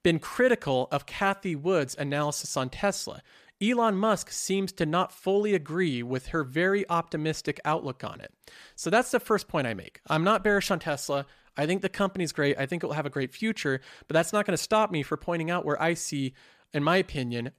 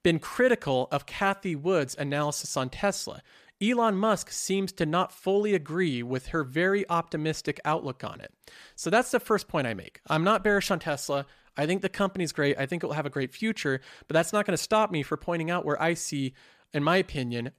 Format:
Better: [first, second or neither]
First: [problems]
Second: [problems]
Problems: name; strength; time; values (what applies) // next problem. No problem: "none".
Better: neither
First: none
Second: none